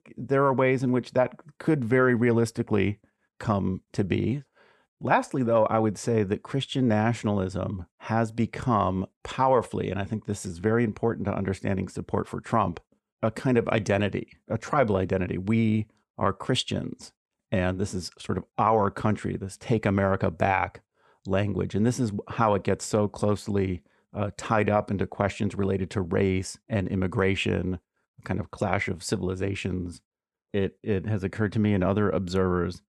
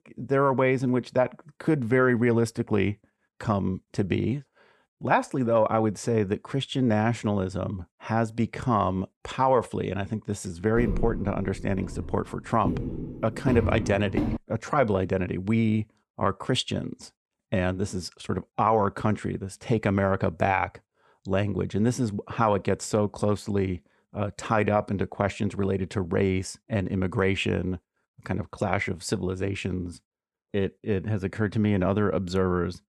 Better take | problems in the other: first | footsteps; noticeable; from 11 to 14 s; peak 1 dB below the speech

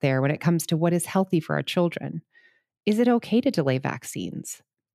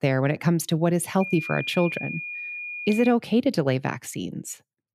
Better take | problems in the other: first | high-pitched whine; loud; from 1 to 3 s; 2.5 kHz, 8 dB below the speech

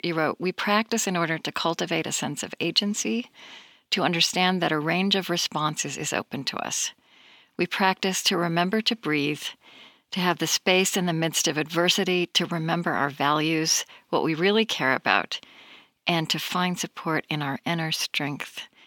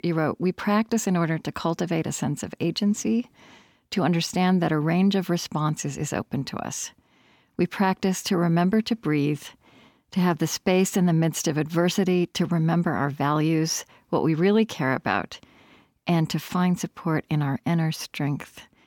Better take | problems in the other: second | thin; somewhat; fading below 900 Hz

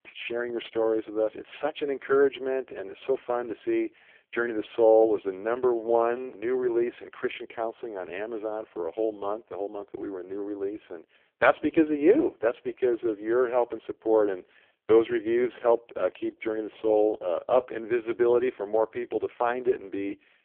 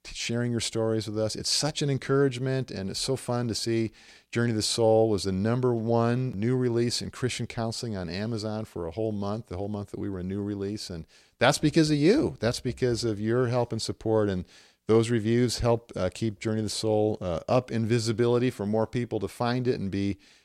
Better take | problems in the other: second | phone-call audio; poor line

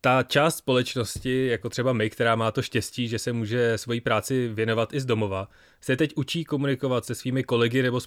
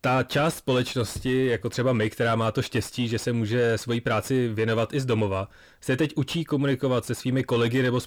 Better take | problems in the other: first | distortion; slight; 10 dB below the speech

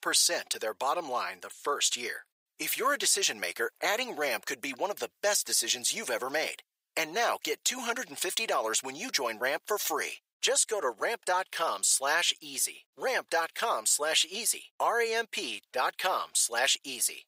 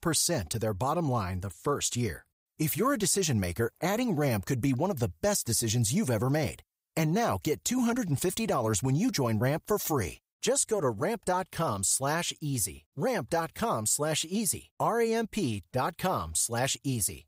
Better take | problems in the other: second | thin; very; fading below 450 Hz

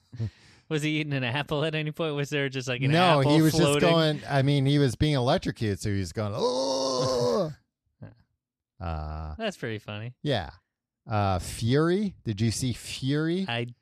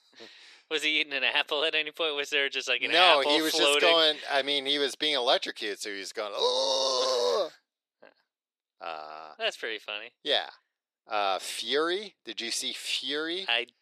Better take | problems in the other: first | thin; very; fading below 400 Hz

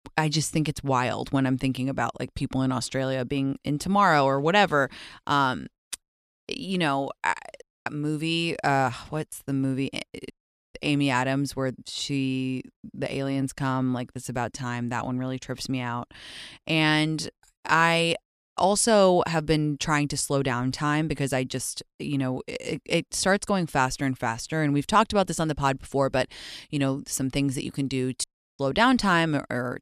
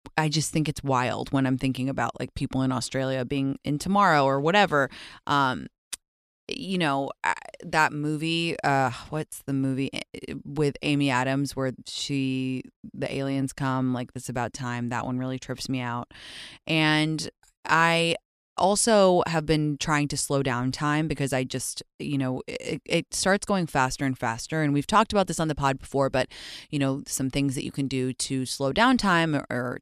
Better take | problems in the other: second | audio cutting out; at 7.5 s, at 10 s and at 28 s

